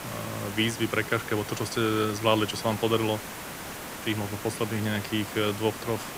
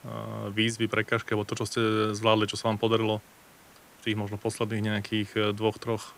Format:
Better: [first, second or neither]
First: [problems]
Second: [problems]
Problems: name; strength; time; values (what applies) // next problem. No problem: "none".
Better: second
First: hiss; loud; throughout; 8 dB below the speech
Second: hiss; faint; throughout; 25 dB below the speech